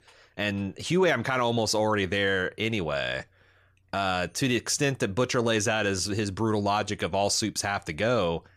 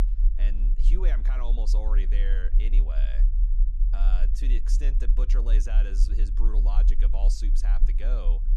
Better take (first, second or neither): first